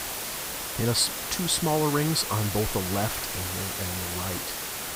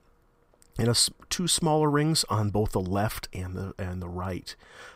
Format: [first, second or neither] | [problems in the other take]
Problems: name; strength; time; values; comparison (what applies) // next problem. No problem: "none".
second | hiss; loud; throughout; 3 dB below the speech